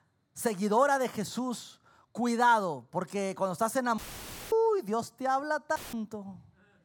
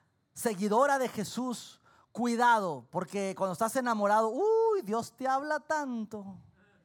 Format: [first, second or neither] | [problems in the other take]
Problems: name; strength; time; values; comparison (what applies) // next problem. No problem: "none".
second | audio cutting out; filled with static; at 4 s for 0.5 s and at 6 s